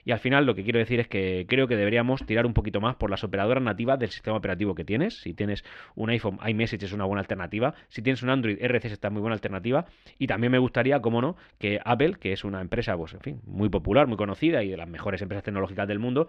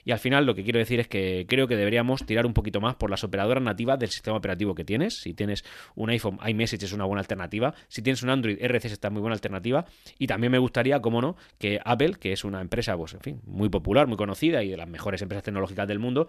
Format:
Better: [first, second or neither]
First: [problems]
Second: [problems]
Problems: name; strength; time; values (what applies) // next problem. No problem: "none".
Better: second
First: muffled; slightly; fading above 2.5 kHz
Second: none